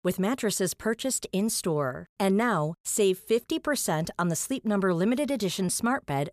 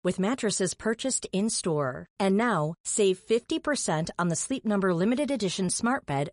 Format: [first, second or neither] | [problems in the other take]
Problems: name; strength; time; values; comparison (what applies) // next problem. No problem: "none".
first | garbled, watery; slightly; nothing above 10.5 kHz